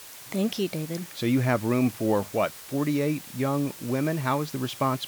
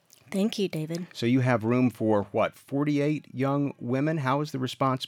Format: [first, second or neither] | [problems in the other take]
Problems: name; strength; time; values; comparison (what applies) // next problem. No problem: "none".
second | hiss; noticeable; throughout; 15 dB below the speech